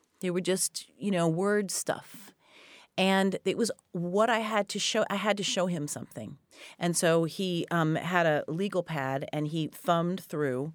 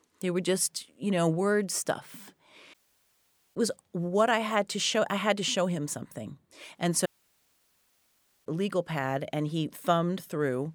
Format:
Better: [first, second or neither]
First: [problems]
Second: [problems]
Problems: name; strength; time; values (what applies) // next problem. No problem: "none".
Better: first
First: none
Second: audio cutting out; at 2.5 s for 1 s and at 7 s for 1.5 s